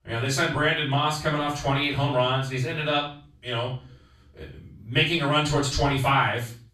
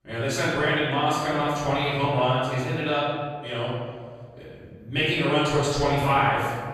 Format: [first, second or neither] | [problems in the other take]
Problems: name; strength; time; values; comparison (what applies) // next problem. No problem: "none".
first | room echo; strong; dies away in 1.7 s; slight in the first // off-mic speech; far; far in the first